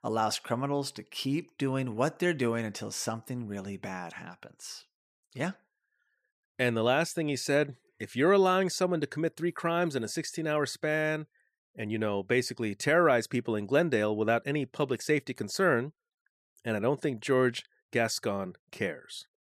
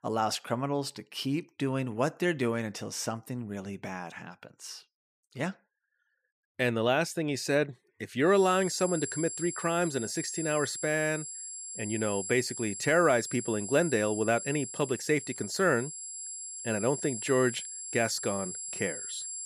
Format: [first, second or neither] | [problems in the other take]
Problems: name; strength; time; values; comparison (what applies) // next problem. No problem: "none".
first | high-pitched whine; loud; from 8.5 s on; 7.5 kHz, 7 dB below the speech